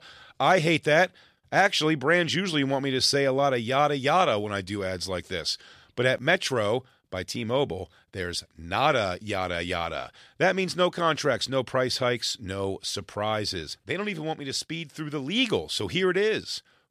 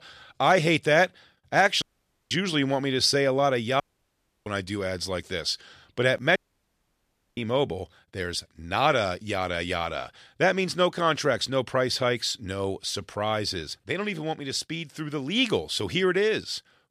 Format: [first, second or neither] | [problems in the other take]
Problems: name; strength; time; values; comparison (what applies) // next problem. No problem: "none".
first | audio cutting out; at 2 s, at 4 s for 0.5 s and at 6.5 s for 1 s